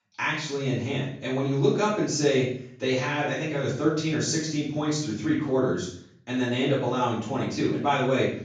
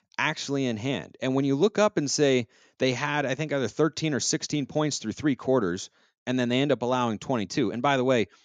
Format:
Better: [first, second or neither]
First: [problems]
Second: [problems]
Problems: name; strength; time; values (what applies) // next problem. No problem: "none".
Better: second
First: off-mic speech; far // room echo; noticeable; dies away in 0.5 s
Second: none